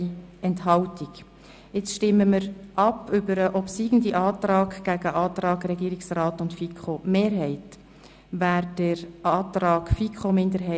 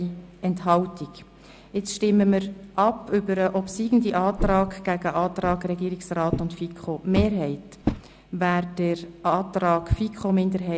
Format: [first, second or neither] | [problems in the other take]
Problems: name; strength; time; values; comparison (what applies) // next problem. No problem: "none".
first | background sound (Walk, footsteps); 7 dB below the speech